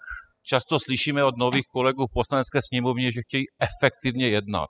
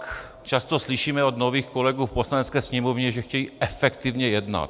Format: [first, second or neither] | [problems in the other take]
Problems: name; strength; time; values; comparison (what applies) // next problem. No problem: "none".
second | noise reduction (classical method spectral subtraction)